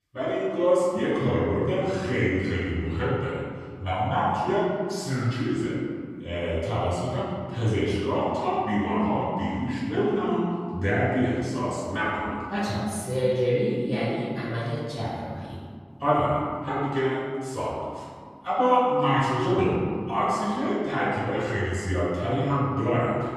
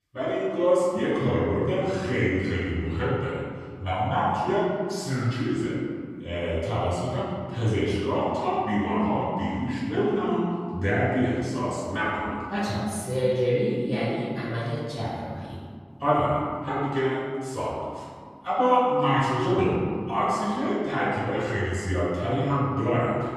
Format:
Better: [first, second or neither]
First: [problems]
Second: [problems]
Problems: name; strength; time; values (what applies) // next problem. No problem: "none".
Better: neither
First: off-mic speech; far // room echo; strong; dies away in 1.9 s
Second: off-mic speech; far // room echo; strong; dies away in 1.9 s